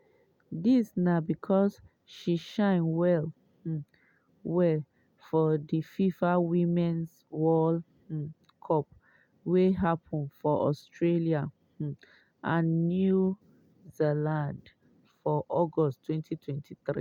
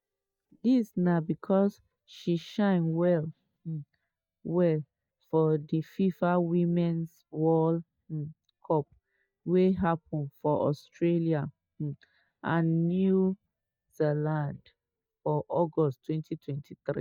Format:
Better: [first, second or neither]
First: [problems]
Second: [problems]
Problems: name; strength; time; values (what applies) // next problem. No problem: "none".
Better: first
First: none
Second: noise reduction (neural mask model DeepFilterNet 3)